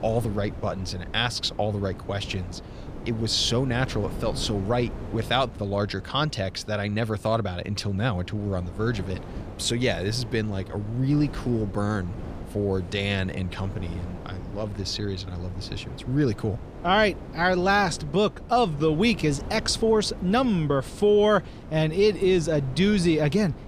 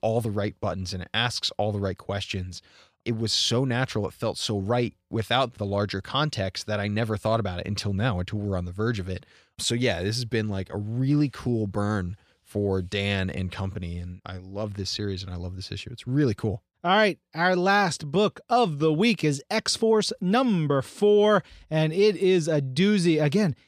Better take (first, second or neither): second